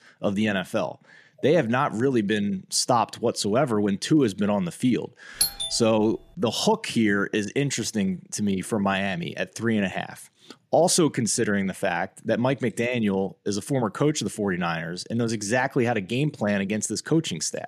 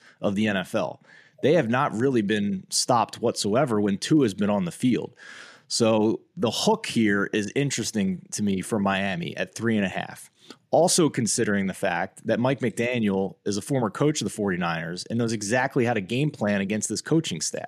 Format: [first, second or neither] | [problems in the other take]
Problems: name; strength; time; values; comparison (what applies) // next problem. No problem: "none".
second | doorbell; loud; at 5.5 s; peak 1 dB above the speech